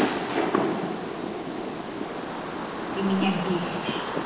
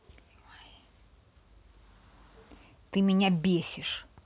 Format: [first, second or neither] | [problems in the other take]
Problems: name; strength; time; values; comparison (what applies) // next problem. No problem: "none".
second | background sound (Fireworks); 4 dB above the speech // room echo; dies away in 0.9 s